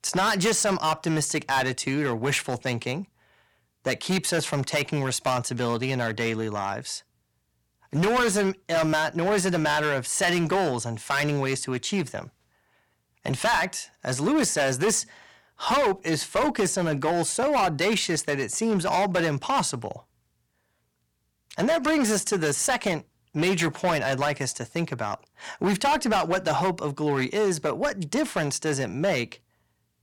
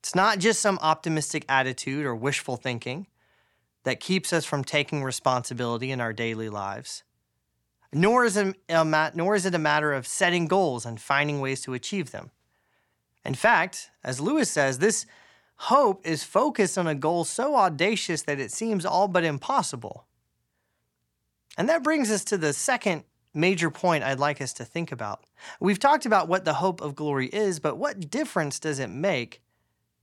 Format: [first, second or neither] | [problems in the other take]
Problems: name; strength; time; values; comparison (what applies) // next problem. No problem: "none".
second | distortion; heavy; 11% of the sound clipped